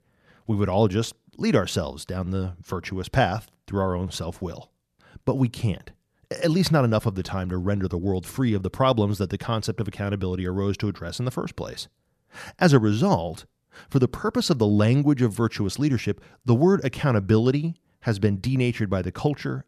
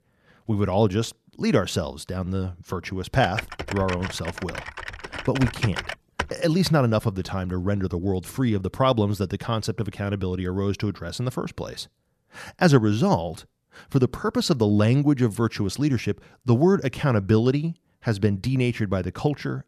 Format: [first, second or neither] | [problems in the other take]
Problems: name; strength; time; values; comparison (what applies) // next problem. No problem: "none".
first | keyboard typing; noticeable; from 3 to 6.5 s; peak 6 dB below the speech